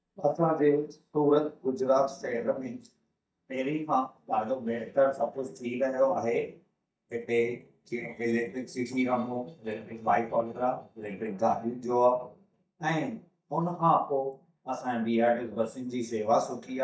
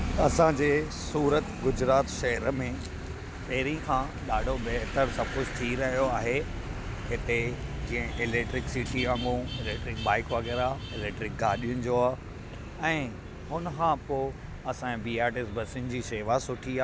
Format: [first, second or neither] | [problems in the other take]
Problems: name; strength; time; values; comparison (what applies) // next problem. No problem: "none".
second | noise reduction (neural mask model DeepFilterNet 3)